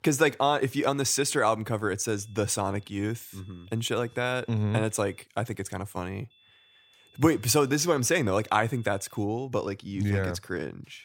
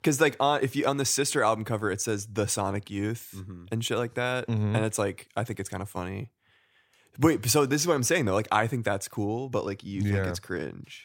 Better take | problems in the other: second | high-pitched whine; faint; from 2 to 5 s and from 6.5 to 9 s; 3.5 kHz, 30 dB below the speech

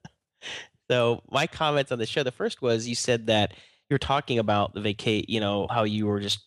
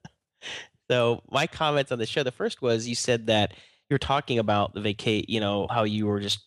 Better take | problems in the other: neither | none

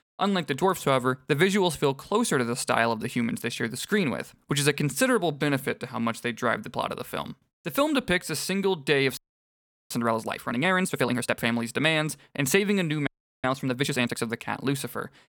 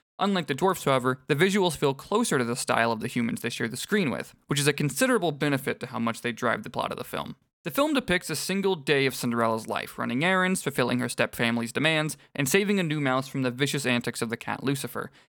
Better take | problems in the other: second | audio freezing; at 9 s for 0.5 s and at 13 s

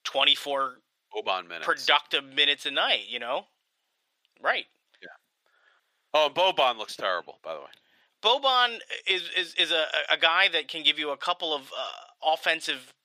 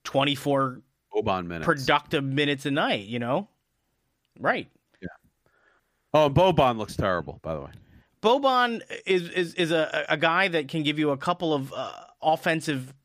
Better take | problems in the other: second | thin; very; fading below 600 Hz

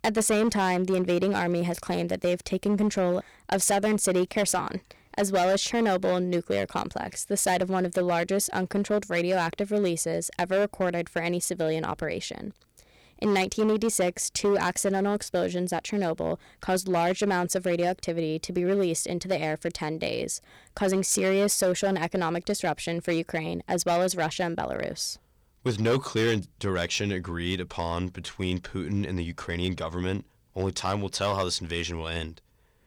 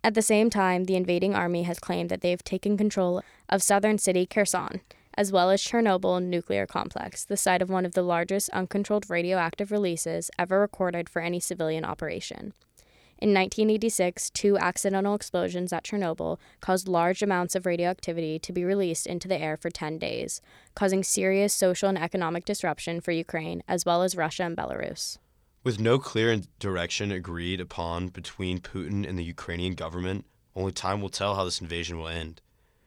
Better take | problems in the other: second | distortion; slight; 6% of the sound clipped

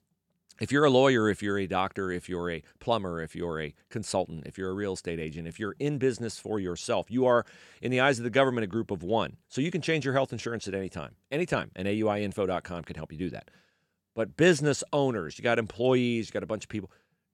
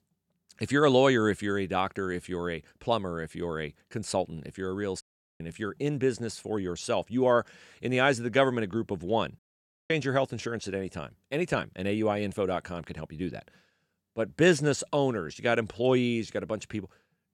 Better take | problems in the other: first | audio cutting out; at 5 s and at 9.5 s for 0.5 s

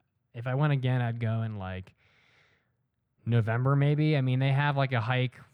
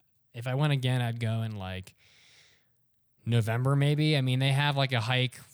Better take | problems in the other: second | muffled; slightly; fading above 4 kHz

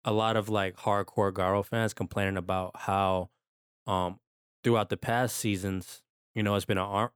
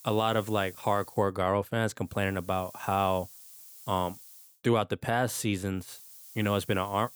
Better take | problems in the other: first | hiss; noticeable; until 1 s, from 2 to 4.5 s and from 6 s on; 20 dB below the speech

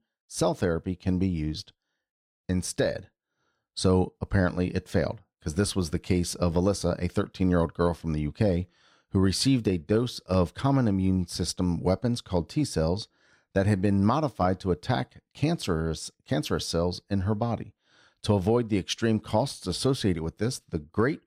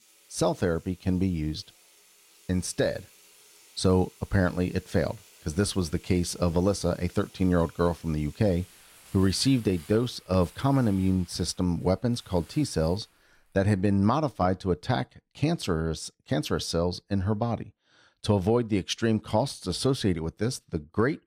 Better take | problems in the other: first | household noises; faint; until 14 s; 25 dB below the speech

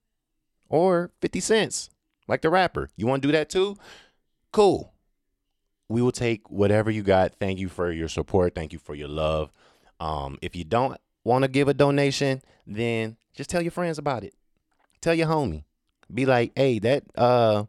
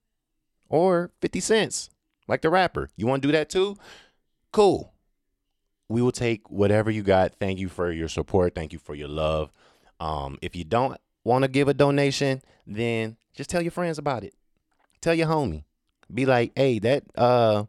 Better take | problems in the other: neither | none

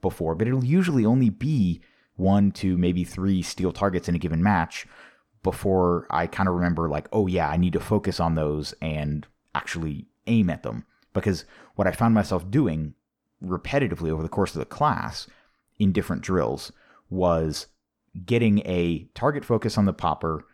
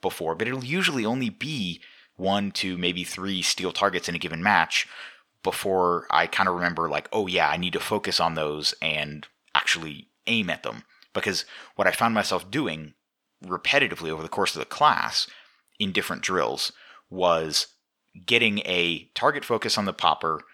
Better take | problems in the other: first | thin; somewhat; fading below 1 kHz

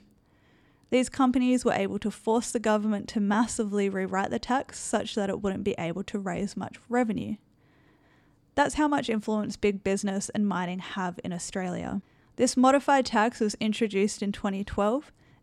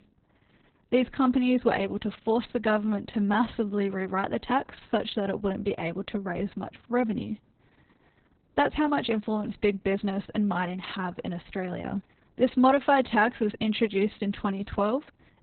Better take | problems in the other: first | garbled, watery; badly; nothing above 4 kHz

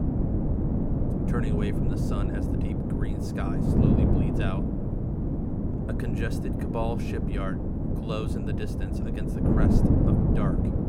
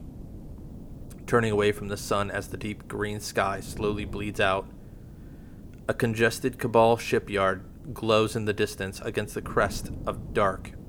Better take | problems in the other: second | wind noise on the microphone; heavy; 4 dB above the speech; occasional gusts in the second

